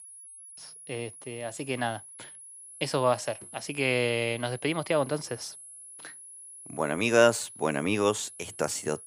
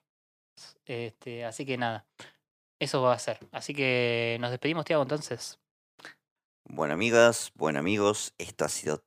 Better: second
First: high-pitched whine; noticeable; throughout; 10.5 kHz, 15 dB below the speech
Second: none

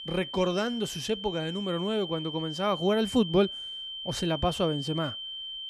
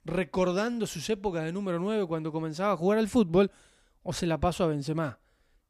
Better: second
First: high-pitched whine; loud; throughout; 3 kHz, 7 dB below the speech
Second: none

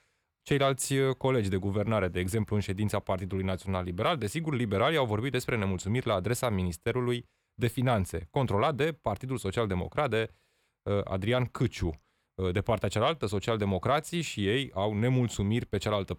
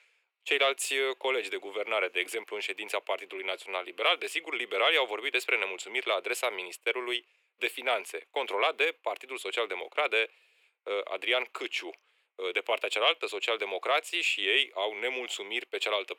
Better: first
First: none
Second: thin; very; fading below 400 Hz

